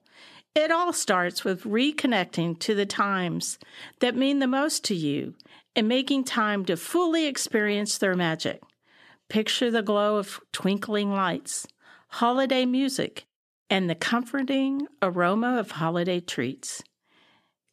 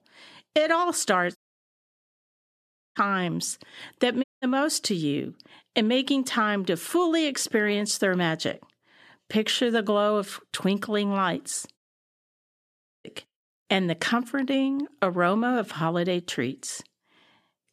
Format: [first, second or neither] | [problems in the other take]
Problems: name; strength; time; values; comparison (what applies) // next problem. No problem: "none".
first | audio cutting out; at 1.5 s for 1.5 s, at 4 s and at 12 s for 1.5 s